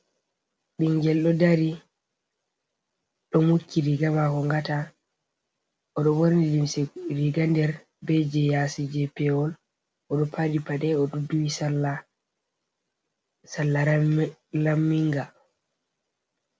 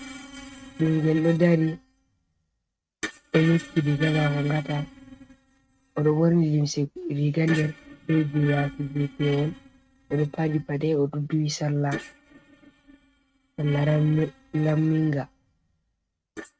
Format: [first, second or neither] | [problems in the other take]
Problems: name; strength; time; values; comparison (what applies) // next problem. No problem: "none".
first | noise reduction (neural mask model RNNoise)